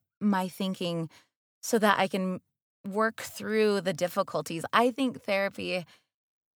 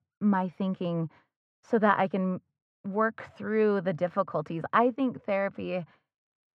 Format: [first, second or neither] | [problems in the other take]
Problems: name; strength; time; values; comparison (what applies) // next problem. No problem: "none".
first | muffled; very; fading above 1.5 kHz